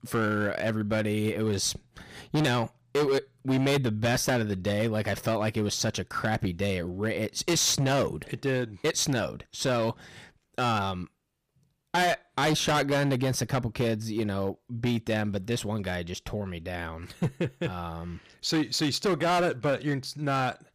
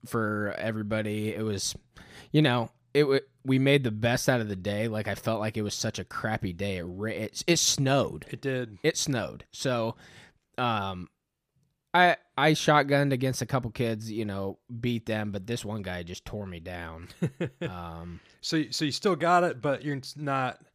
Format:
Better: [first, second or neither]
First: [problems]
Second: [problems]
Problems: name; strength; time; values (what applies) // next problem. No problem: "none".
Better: second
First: distortion; heavy; 10% of the sound clipped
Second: none